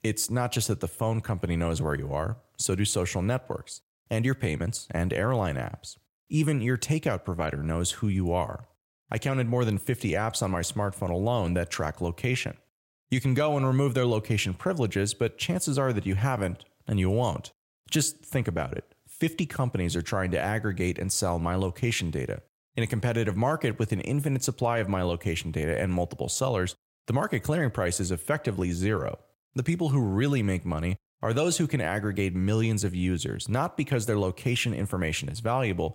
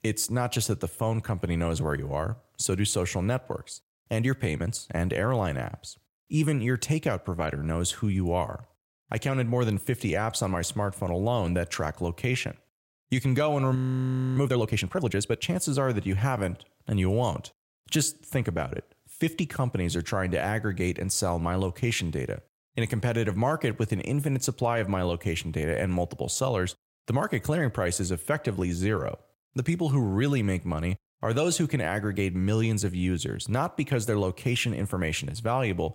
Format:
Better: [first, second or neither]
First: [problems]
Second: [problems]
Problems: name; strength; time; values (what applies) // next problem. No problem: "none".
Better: first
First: none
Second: audio freezing; at 14 s for 0.5 s